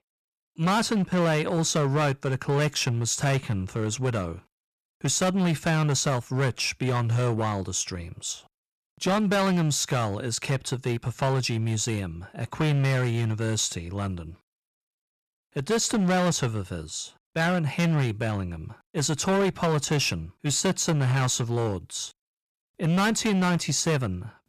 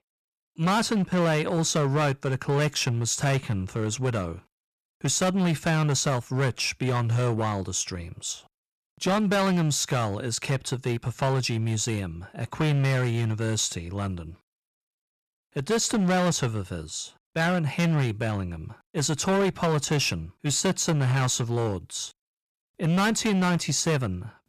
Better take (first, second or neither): neither